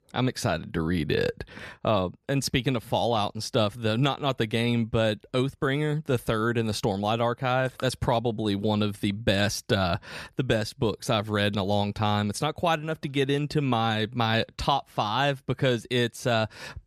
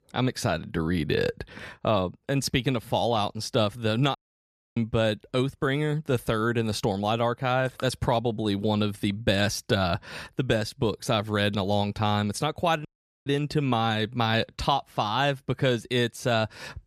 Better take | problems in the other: first | audio cutting out; at 4 s for 0.5 s and at 13 s

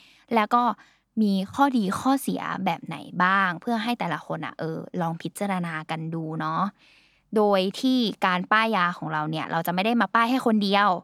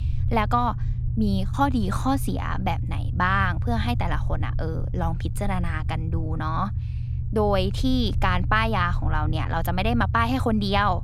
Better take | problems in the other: first | low rumble; noticeable; throughout; 15 dB below the speech

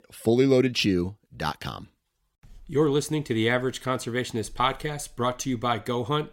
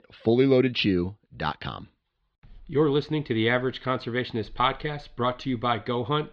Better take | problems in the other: first | muffled; very slightly; fading above 4 kHz

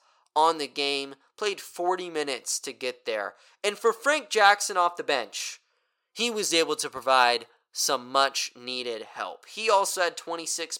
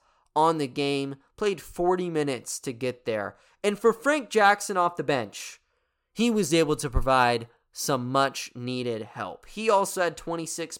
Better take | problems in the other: second | thin; somewhat; fading below 500 Hz

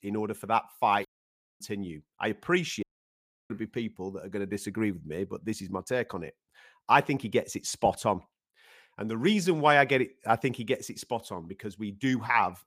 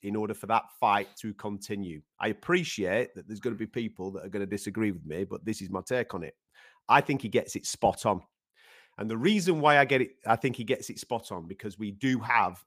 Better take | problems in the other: second | audio cutting out; at 1 s for 0.5 s and at 3 s for 0.5 s

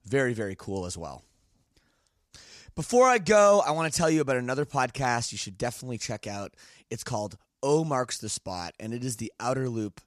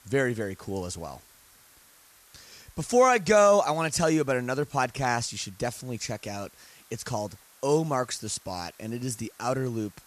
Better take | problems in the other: first | hiss; faint; throughout; 25 dB below the speech

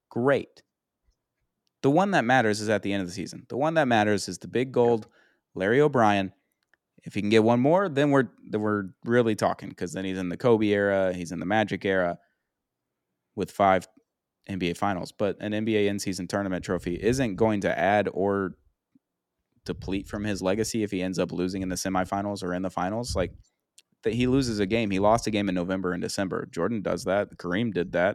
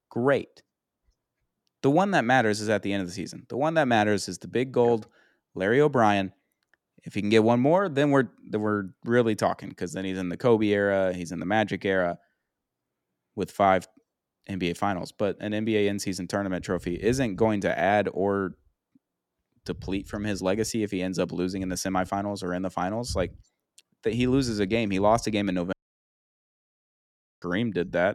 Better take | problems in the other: first | audio cutting out; at 26 s for 1.5 s

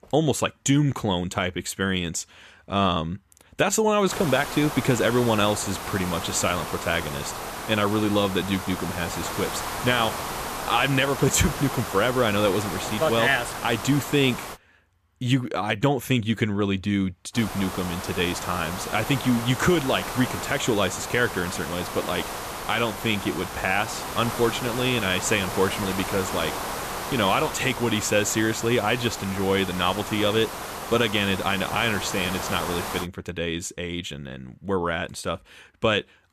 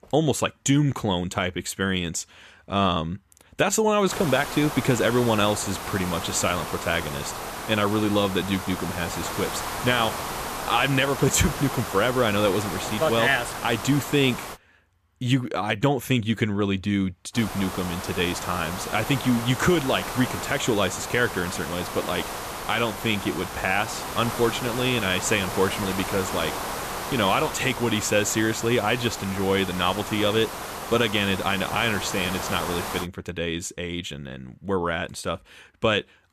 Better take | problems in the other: neither | hiss; loud; from 4 to 15 s and from 17 to 33 s; 7 dB below the speech; the same in both

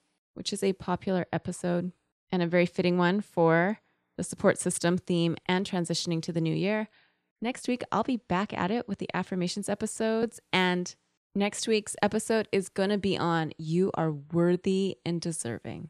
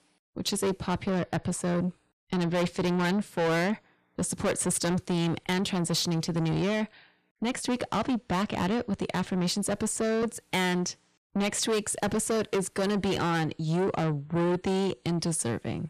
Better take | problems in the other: first | distortion; heavy; 6 dB below the speech

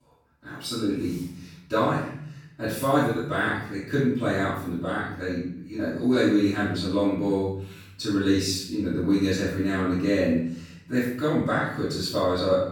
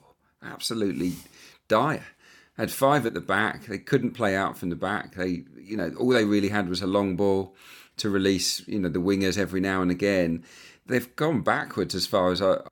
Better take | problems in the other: second | off-mic speech; far // room echo; noticeable; dies away in 0.7 s

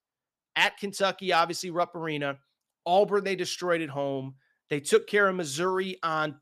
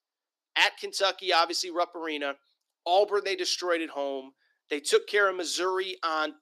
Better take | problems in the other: first | thin; somewhat; fading below 300 Hz

